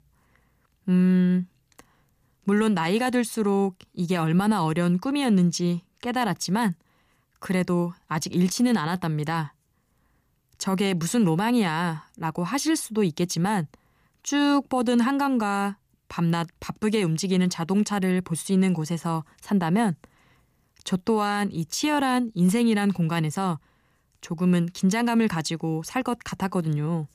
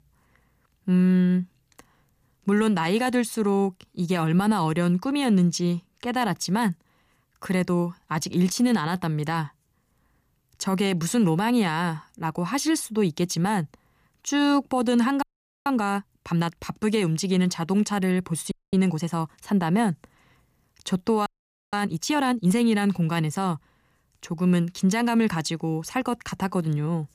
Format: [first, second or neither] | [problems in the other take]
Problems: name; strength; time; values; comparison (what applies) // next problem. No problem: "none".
first | audio freezing; at 15 s, at 19 s and at 21 s